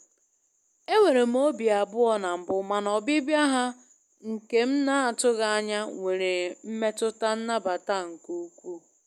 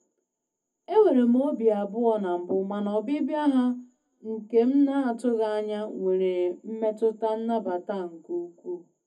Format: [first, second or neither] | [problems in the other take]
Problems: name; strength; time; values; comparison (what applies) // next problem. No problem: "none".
first | room echo; dies away in 0.3 s